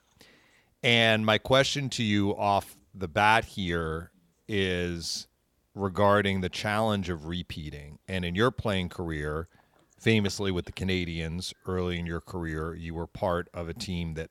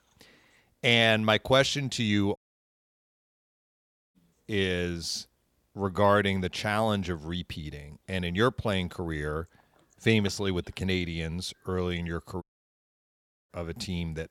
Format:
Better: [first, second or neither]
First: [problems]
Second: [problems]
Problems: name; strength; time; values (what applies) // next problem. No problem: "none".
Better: first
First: none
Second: audio cutting out; at 2.5 s for 2 s and at 12 s for 1 s